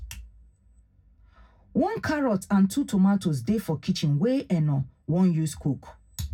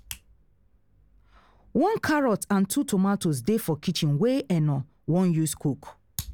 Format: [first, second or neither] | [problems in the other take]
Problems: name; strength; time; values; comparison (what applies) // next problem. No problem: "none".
second | room echo; dies away in 0.3 s